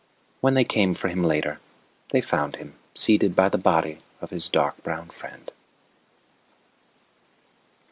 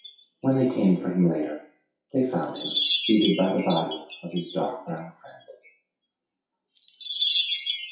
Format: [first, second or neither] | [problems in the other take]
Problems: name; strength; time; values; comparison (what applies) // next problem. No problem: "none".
first | noise reduction (classical method WPE with log-MMSE)